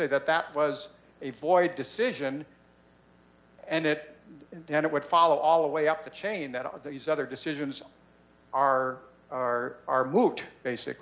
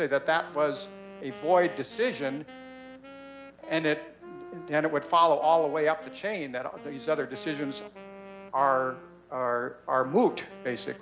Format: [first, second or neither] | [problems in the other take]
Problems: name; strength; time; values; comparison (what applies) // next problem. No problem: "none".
first | background sound (Wind instrument, woodwind instrument); 18 dB below the speech